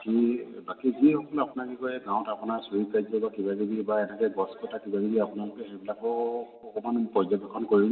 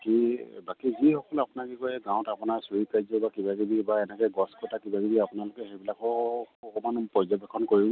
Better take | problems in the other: second | room echo; dies away in 2.3 s

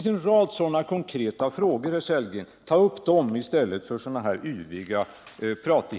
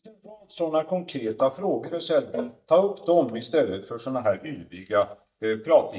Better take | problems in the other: first | noise reduction (neural mask model DeepFilterNet 3)

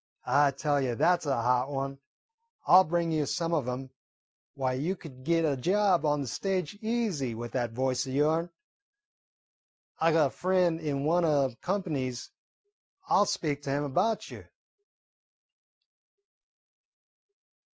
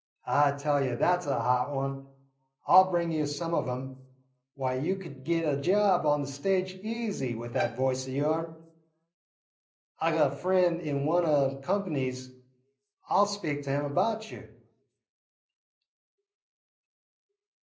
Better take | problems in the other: first | background sound (Bowed string instrument); 12 dB below the speech // room echo; dies away in 0.5 s

